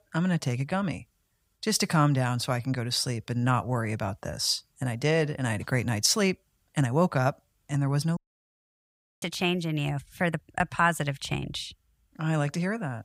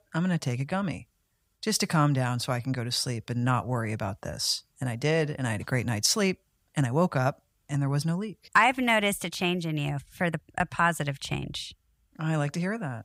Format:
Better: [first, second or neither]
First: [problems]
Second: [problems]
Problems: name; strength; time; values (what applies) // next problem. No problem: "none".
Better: second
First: audio cutting out; at 8 s for 1 s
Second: none